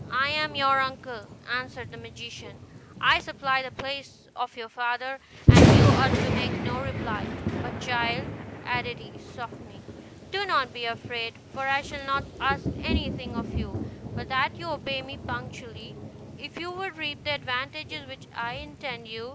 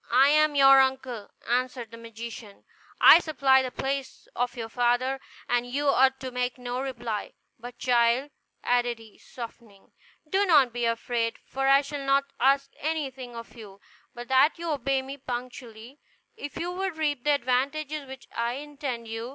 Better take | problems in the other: second | background sound (Thunder); 3 dB above the speech

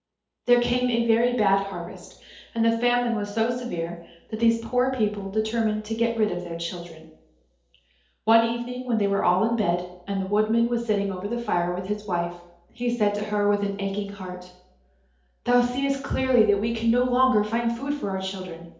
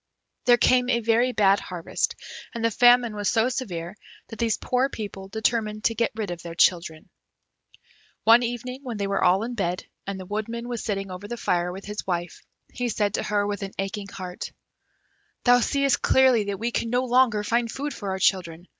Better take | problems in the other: second | room echo; dies away in 2.2 s

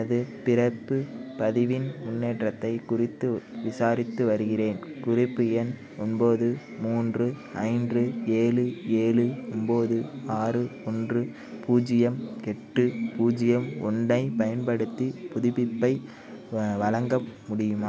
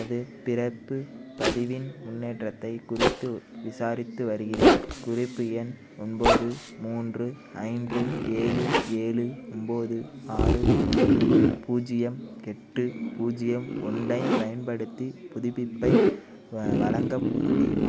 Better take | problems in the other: first | background sound (Zipper (clothing)); 3 dB above the speech

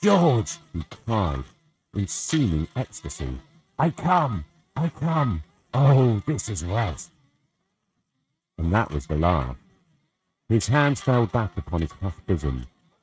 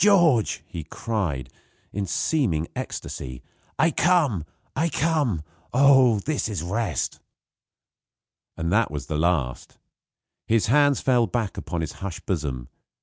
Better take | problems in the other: second | noise reduction (neural mask model RNNoise)

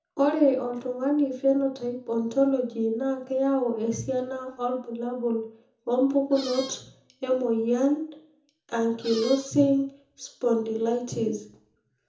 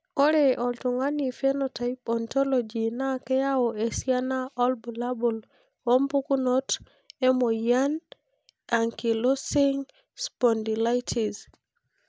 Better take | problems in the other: second | background sound (Squeak); 13 dB below the speech // room echo; dies away in 0.6 s

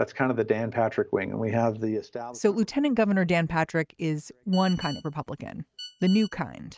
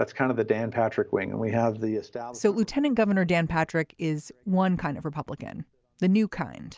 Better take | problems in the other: second | noise reduction (neural mask model RNNoise)

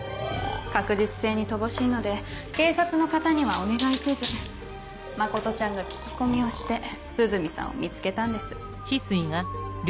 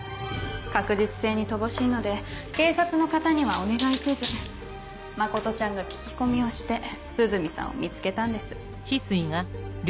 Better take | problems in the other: second | background sound (Breathing); 16 dB below the speech

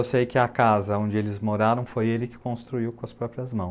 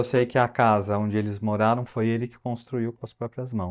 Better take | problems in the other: first | noise reduction (neural mask model DeepFilterNet 3)

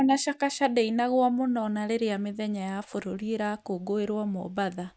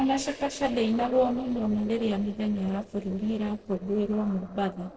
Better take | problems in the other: first | noise reduction (neural separator model SepFormer DNS4)

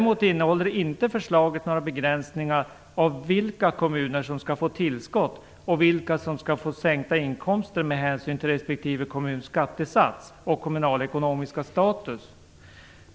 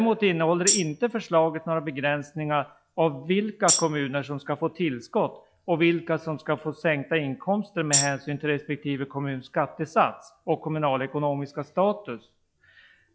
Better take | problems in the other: first | noise reduction (classical method log-MMSE)

